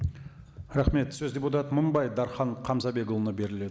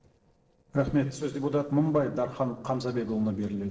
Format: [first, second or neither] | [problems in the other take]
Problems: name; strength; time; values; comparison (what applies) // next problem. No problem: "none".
first | noise reduction (neural separator model SepFormer DNS4)